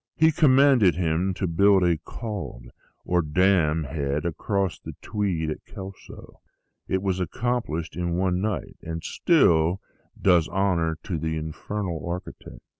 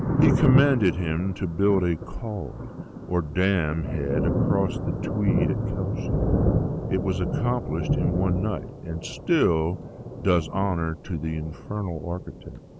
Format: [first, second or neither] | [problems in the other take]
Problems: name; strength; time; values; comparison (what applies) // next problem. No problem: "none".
first | background sound (Thunder); 1 dB below the speech